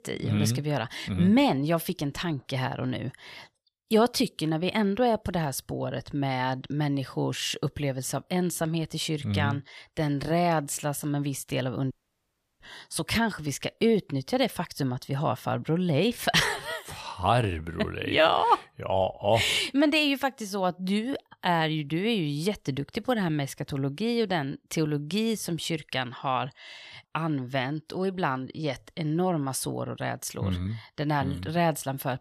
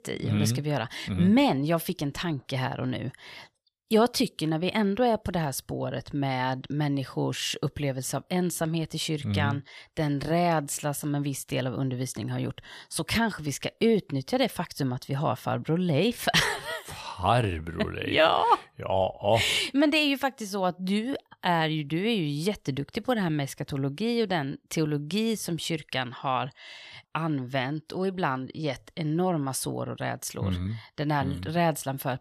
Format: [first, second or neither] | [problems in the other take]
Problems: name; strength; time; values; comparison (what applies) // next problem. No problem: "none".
second | audio cutting out; at 12 s for 0.5 s